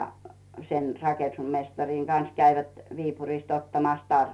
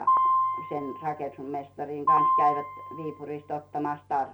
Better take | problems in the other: first | background sound (Piano); 4 dB above the speech

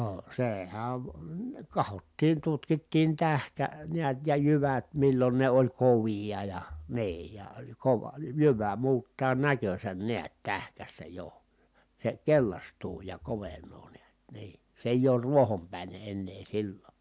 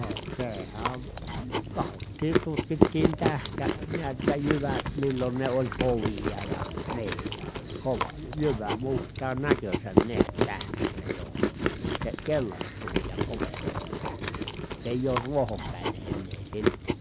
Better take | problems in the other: first | background sound (Chewing, mastication); 2 dB above the speech

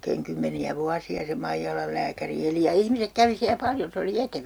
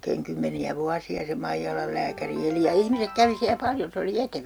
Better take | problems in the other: first | background sound (Ringtone); 15 dB below the speech

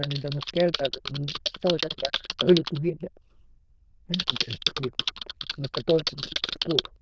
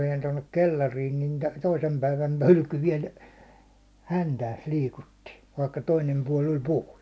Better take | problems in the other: second | noise reduction (neural diffusion model UNIVERSE++)

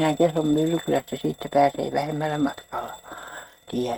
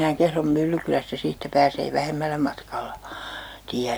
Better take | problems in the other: second | noise reduction (neural mask model RNNoise)

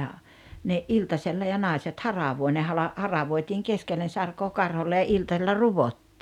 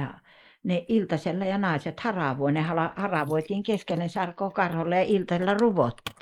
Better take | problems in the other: first | noise reduction (neural mask model Resemble Enhance denoiser)

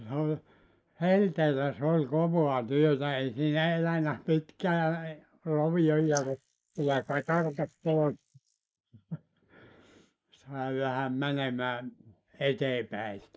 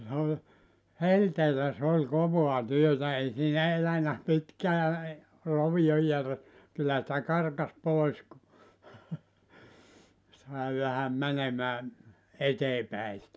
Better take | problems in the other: second | noise reduction (neural mask model Resemble Enhance denoiser)

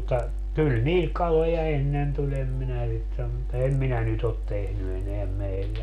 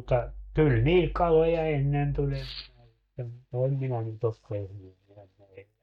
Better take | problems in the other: first | noise reduction (neural mask model DeepFilterNet 3)

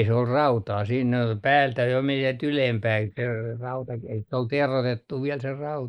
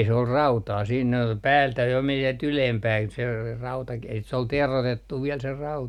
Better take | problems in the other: second | noise reduction (neural mask model Resemble Enhance denoiser)

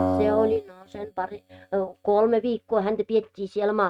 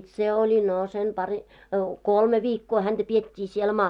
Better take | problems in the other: second | noise reduction (neural mask model RNNoise)

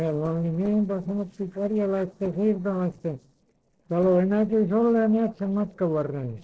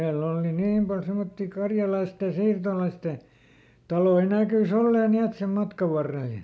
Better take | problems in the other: second | noise reduction (neural separator model SepFormer DNS4)

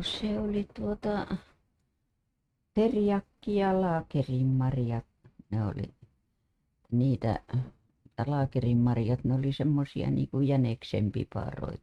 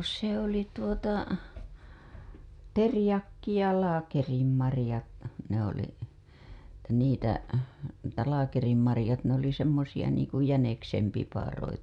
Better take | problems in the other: second | noise reduction (neural mask model RNNoise)

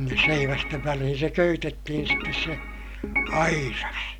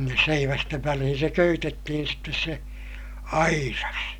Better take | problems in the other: second | background sound (Organ); 4 dB below the speech

